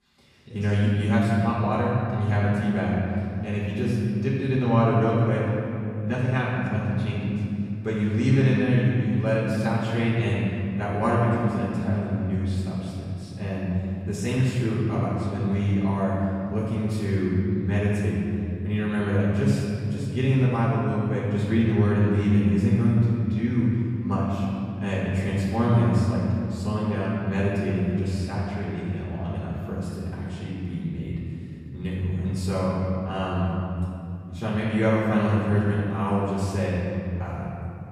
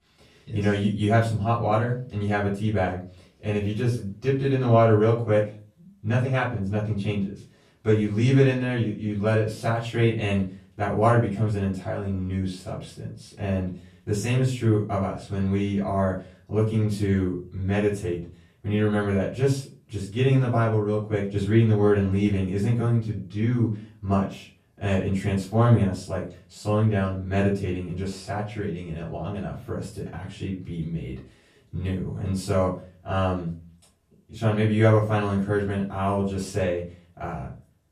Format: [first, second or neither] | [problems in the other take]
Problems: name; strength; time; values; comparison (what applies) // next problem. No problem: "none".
second | room echo; strong; dies away in 2.9 s; slight in the second // off-mic speech; far; far in the second